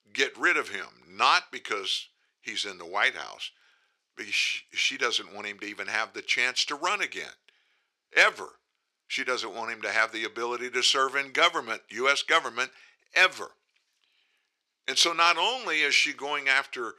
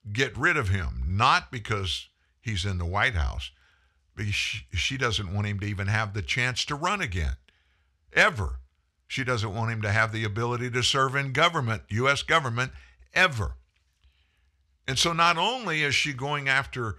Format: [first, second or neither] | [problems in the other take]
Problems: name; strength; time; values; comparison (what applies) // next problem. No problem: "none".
second | thin; very; fading below 350 Hz